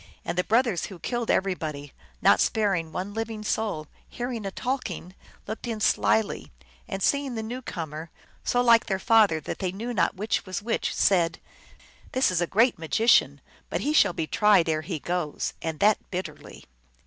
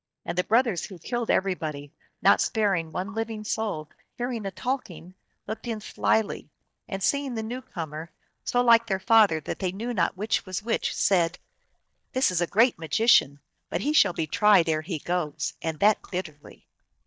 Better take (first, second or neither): first